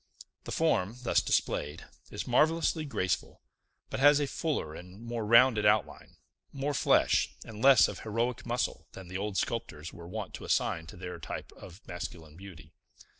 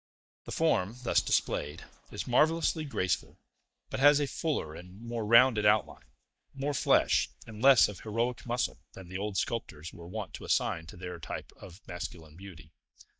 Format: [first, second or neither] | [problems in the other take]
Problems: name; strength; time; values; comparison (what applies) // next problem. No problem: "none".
first | noise reduction (neural mask model DeepFilterNet 3)